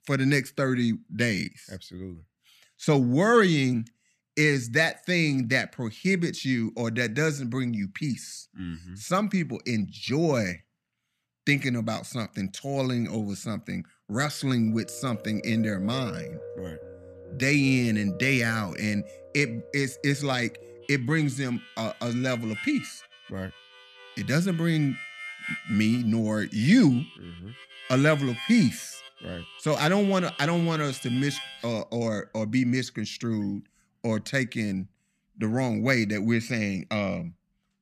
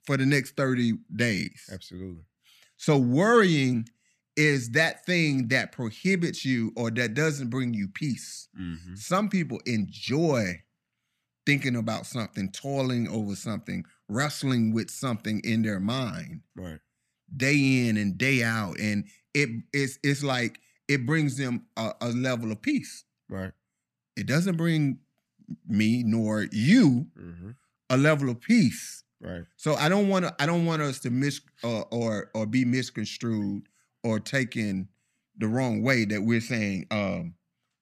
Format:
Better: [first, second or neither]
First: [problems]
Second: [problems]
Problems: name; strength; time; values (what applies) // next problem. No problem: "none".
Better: second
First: background music; noticeable; from 15 s on; 15 dB below the speech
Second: none